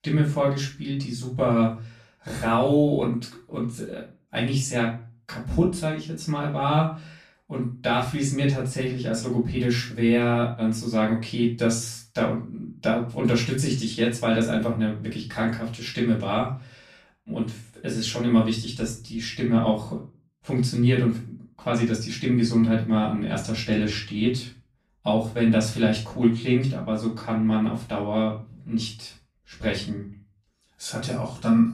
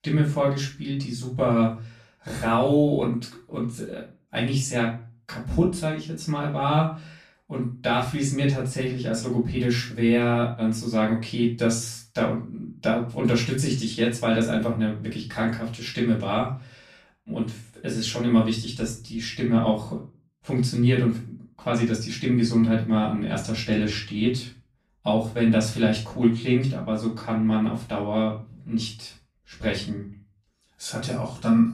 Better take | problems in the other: neither | room echo; slight; dies away in 0.3 s; the same in both // off-mic speech; far; the same in both

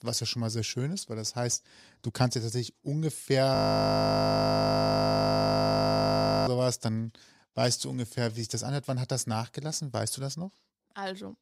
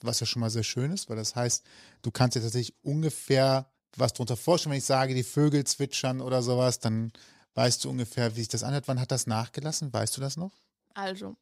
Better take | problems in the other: second | audio freezing; at 3.5 s for 3 s

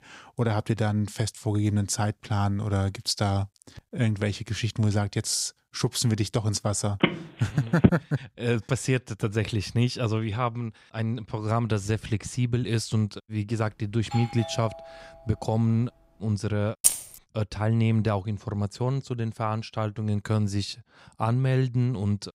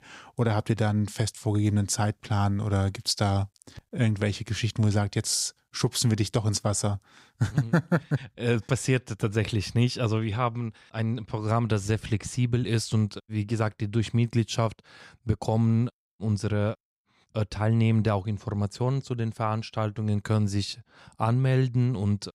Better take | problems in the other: second | phone ringing; loud; at 7 s; peak 4 dB above the speech // doorbell; noticeable; from 14 to 15 s; peak 9 dB below the speech // jangling keys; loud; at 17 s; peak 5 dB above the speech

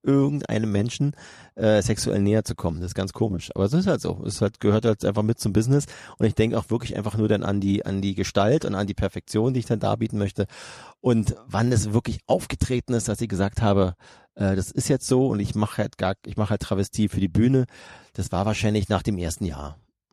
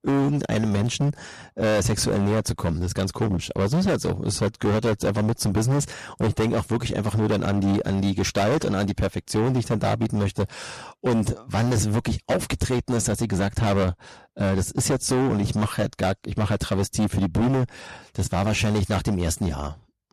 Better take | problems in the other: first | distortion; heavy; 19% of the sound clipped

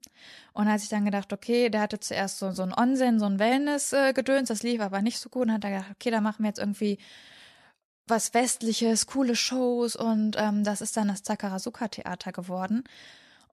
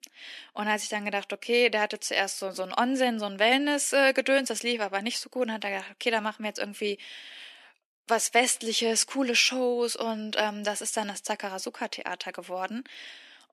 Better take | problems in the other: first | thin; very slightly; fading below 300 Hz

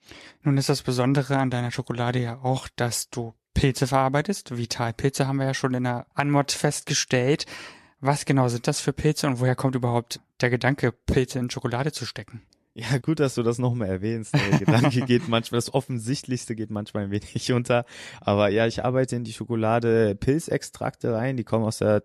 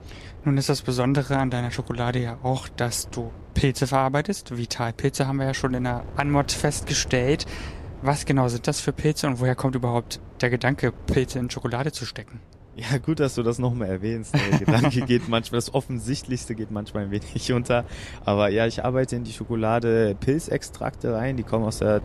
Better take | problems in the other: first | wind noise on the microphone; occasional gusts; 20 dB below the speech

